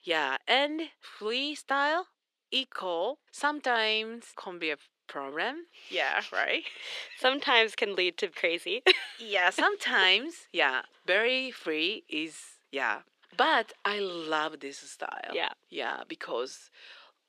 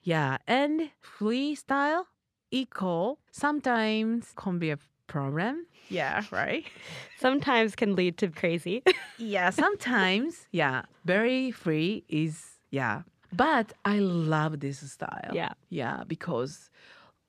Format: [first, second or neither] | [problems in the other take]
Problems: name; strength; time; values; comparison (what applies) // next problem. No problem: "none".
second | thin; somewhat; fading below 350 Hz